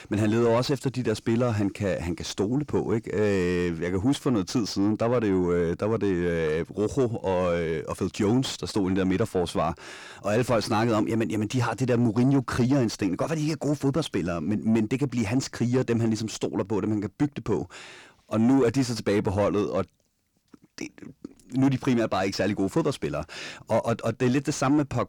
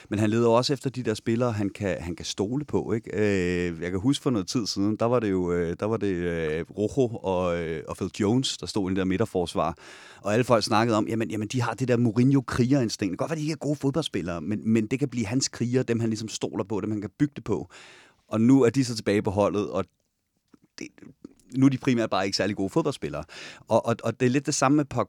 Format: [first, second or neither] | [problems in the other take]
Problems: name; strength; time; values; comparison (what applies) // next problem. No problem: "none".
second | distortion; slight; 10 dB below the speech